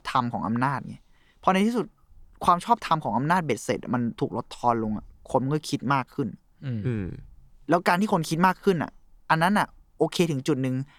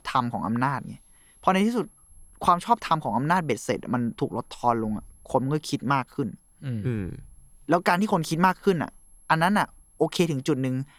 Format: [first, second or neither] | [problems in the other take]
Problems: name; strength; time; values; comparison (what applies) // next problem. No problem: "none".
first | high-pitched whine; faint; throughout; 11 kHz, 30 dB below the speech